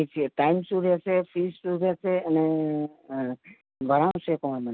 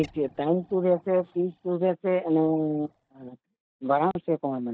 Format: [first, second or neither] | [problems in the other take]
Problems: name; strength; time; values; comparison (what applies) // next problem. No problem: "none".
first | noise reduction (neural mask model DeepFilterNet 3)